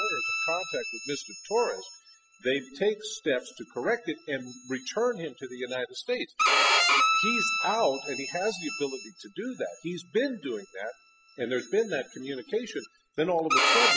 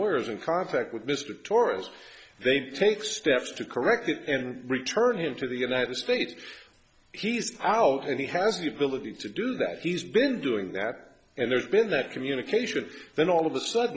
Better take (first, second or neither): second